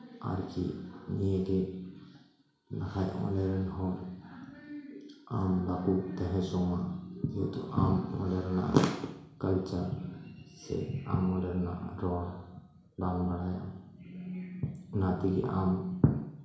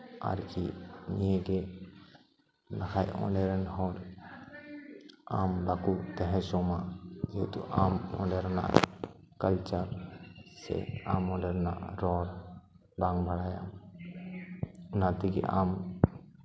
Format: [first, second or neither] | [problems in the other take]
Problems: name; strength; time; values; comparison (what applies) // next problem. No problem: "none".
second | room echo; dies away in 0.7 s